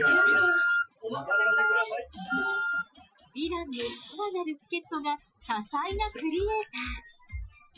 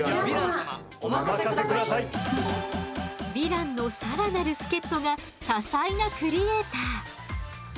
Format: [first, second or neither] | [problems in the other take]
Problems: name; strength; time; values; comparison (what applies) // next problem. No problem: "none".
second | noise reduction (classical method Wiener filter)